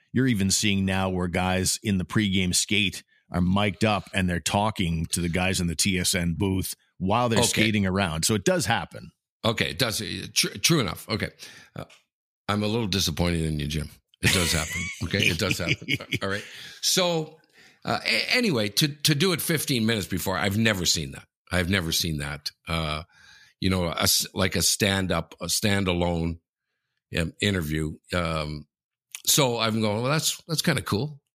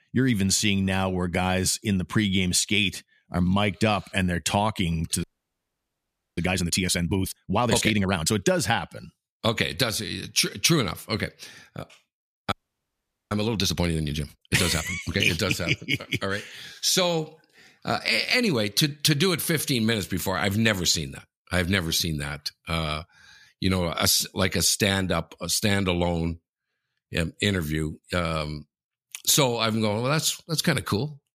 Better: first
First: none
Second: audio freezing; at 5 s for 1 s and at 13 s for 1 s

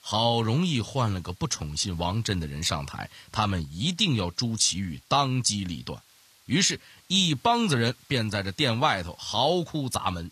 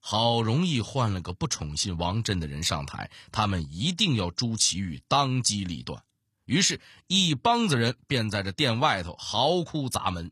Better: second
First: hiss; faint; throughout; 30 dB below the speech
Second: none

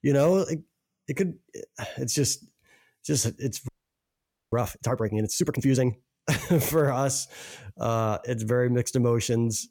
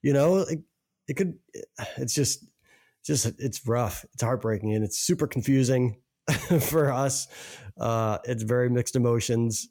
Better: second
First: audio freezing; at 3.5 s for 1 s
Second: none

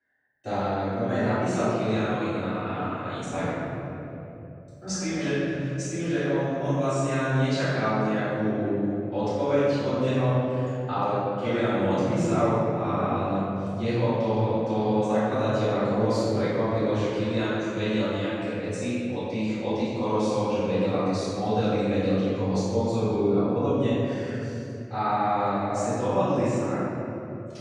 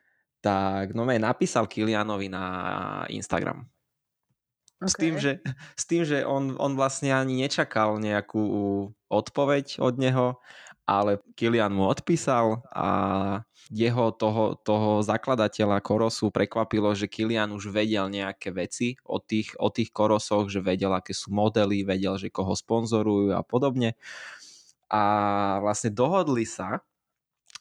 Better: second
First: off-mic speech; far // room echo; strong; dies away in 3 s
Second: none

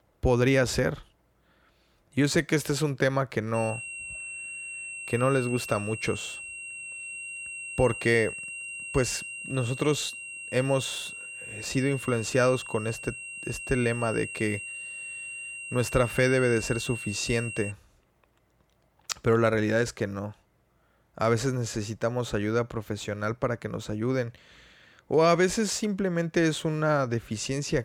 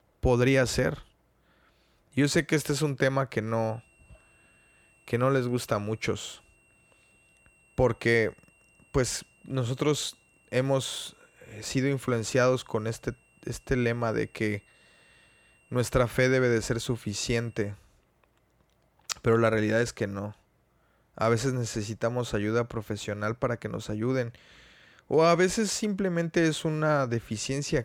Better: second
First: high-pitched whine; loud; from 3.5 to 18 s; 2.5 kHz, 9 dB below the speech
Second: high-pitched whine; faint; from 3.5 to 18 s; 2.5 kHz, 35 dB below the speech

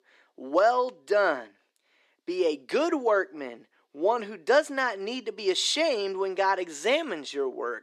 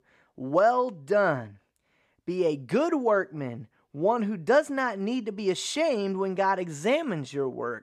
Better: second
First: thin; somewhat; fading below 300 Hz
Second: none

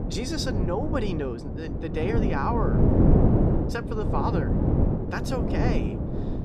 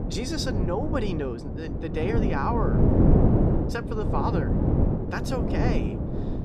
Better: neither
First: wind noise on the microphone; heavy; 1 dB below the speech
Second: wind noise on the microphone; heavy; 1 dB below the speech

